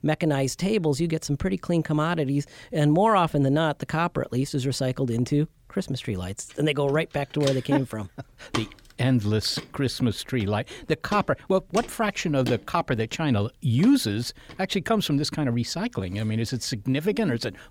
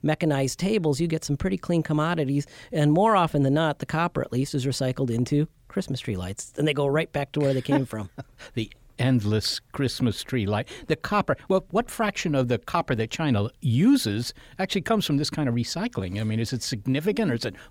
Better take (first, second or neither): second